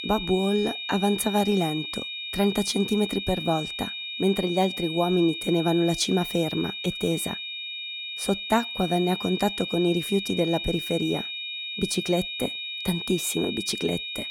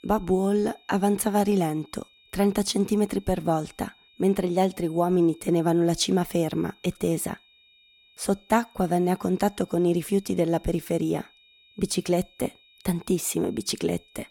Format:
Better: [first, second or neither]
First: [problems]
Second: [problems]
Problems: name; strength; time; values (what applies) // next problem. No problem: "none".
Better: second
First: high-pitched whine; loud; throughout; 3.5 kHz, 5 dB below the speech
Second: high-pitched whine; faint; throughout; 3.5 kHz, 30 dB below the speech